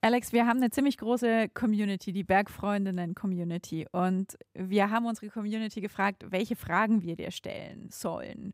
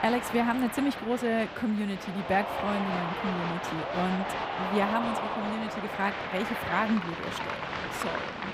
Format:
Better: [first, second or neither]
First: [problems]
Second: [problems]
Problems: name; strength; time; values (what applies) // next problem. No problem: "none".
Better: first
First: none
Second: crowd noise; loud; throughout; 3 dB below the speech